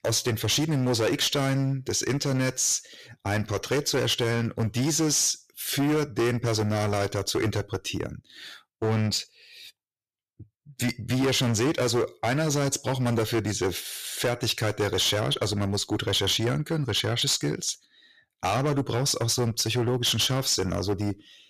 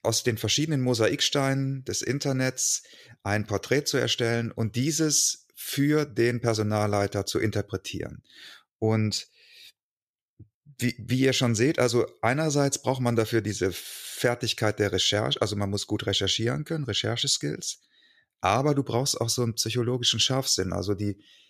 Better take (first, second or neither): second